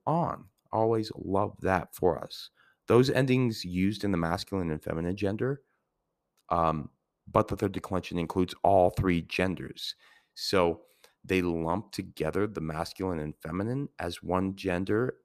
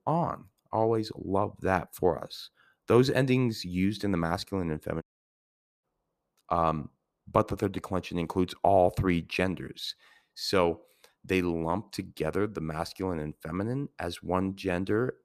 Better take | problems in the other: first | audio cutting out; at 5 s for 1 s

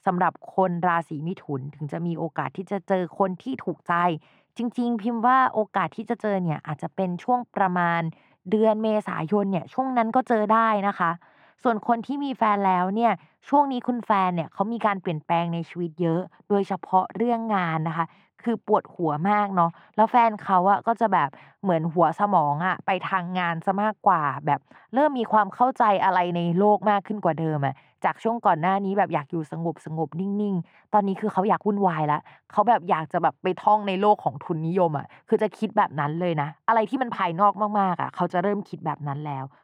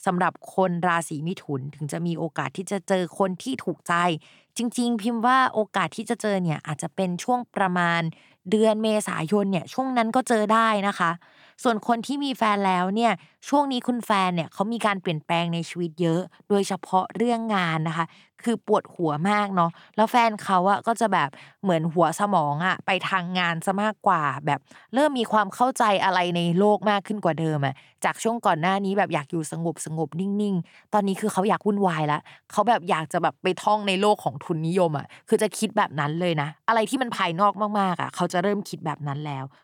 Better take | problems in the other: second | muffled; very; fading above 4 kHz

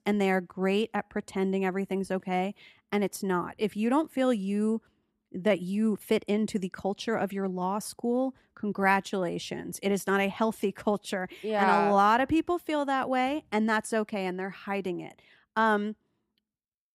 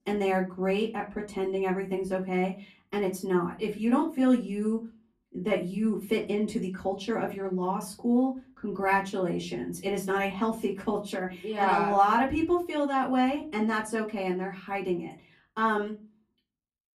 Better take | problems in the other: first | off-mic speech; far // room echo; very slight; dies away in 0.3 s

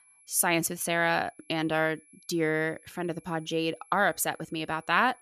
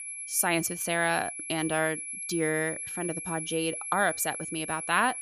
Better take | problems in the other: first | high-pitched whine; loud; throughout; 11 kHz, 6 dB below the speech; faint in the first

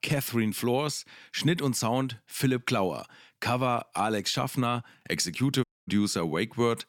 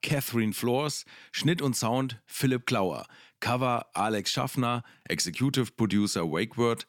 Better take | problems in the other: second | audio cutting out; at 5.5 s

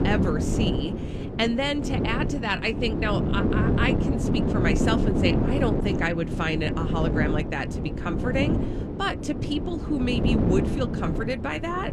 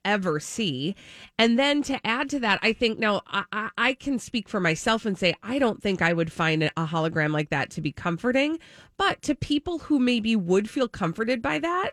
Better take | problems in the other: second | wind noise on the microphone; heavy; 3 dB below the speech

